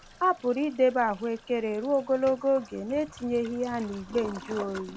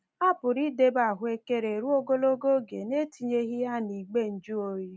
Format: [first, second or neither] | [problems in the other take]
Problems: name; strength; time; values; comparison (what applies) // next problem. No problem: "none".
second | background sound (Toilet flush); 18 dB below the speech